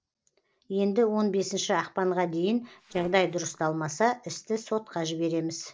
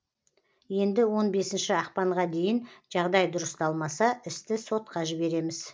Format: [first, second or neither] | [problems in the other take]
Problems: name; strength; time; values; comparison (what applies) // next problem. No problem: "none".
second | noise reduction (neural separator model SepFormer DNS4)